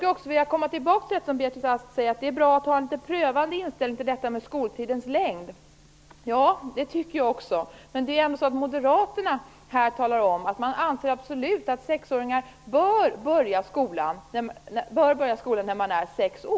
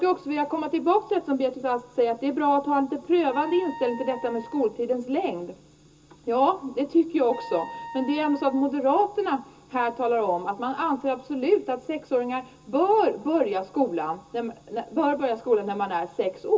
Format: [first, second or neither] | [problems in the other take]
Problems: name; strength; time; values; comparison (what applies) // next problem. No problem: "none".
first | background sound (Wind instrument, woodwind instrument); 17 dB below the speech // room echo; dies away in 0.2 s